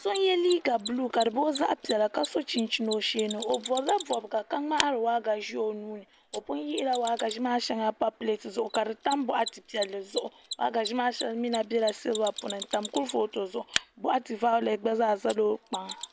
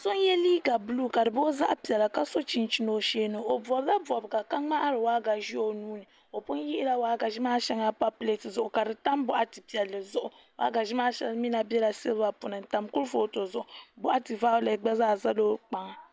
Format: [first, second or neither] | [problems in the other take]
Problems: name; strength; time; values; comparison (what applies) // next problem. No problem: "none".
second | background sound (Mechanisms); 13 dB below the speech